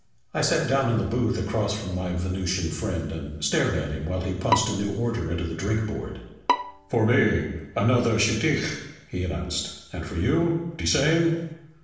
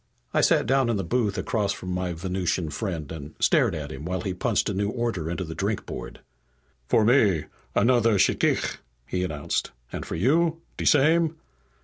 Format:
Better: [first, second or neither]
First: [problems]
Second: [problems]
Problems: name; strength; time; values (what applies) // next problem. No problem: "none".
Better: second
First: background sound (Bowed string instrument); 7 dB below the speech // room echo; dies away in 0.9 s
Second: none